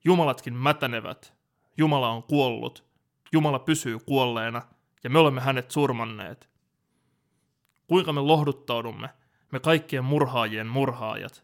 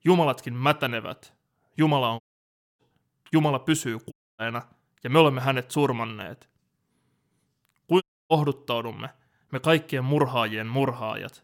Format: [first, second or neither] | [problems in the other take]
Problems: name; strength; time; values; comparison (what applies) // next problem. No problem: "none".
first | audio cutting out; at 2 s for 0.5 s, at 4 s and at 8 s